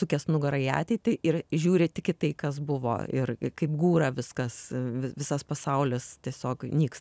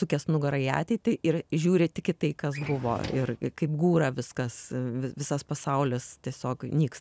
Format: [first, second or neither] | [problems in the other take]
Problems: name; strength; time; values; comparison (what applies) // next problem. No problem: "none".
first | background sound (Drawer open or close); 13 dB below the speech